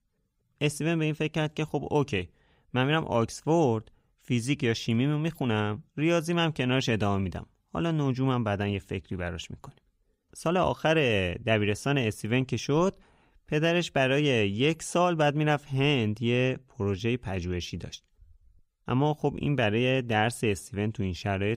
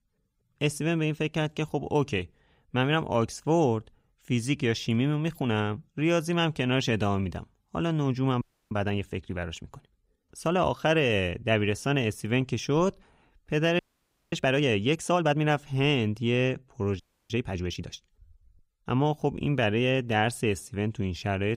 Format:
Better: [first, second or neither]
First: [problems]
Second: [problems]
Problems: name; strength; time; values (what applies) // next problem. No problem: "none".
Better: first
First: none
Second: audio freezing; at 8.5 s, at 14 s for 0.5 s and at 17 s